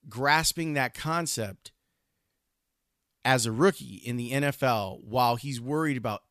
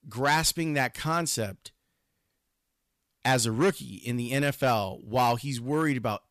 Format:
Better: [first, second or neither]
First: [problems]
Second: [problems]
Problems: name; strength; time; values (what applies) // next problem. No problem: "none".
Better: first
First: none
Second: distortion; slight; 3% of the sound clipped